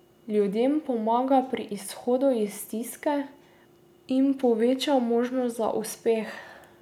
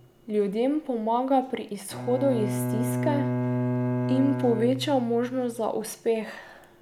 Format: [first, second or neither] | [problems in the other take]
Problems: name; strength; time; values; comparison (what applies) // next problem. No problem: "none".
first | background sound (Bowed string instrument); 4 dB below the speech